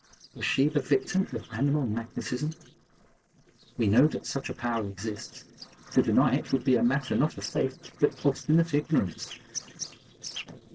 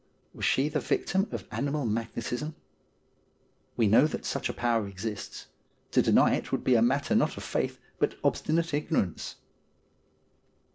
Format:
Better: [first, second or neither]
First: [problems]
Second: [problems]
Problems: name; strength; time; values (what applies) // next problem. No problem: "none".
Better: second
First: noise reduction (neural separator model SepFormer DNS4)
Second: none